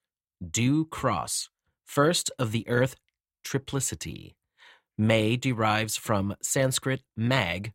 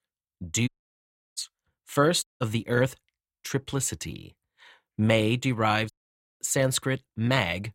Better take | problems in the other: first | audio cutting out; at 0.5 s for 0.5 s, at 2 s and at 6 s

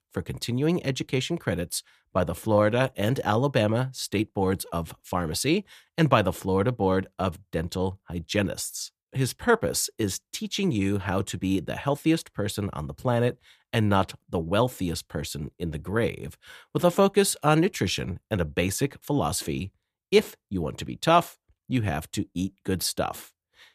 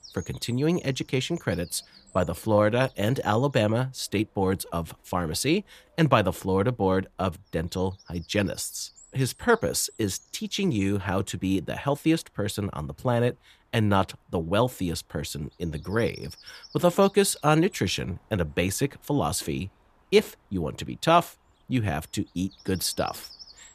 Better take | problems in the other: first | animal sounds; faint; throughout; 25 dB below the speech

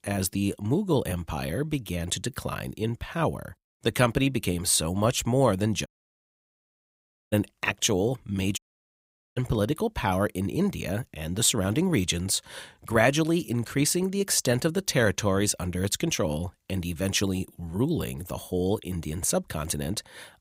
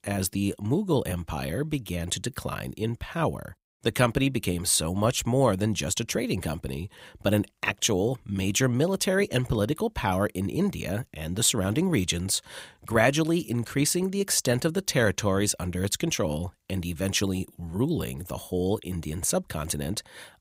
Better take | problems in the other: second | audio cutting out; at 6 s for 1.5 s and at 8.5 s for 1 s

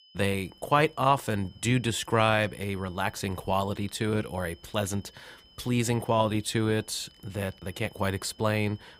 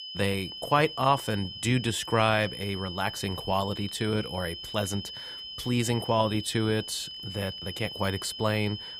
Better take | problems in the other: first | high-pitched whine; loud; throughout; 3 kHz, 9 dB below the speech; faint in the first

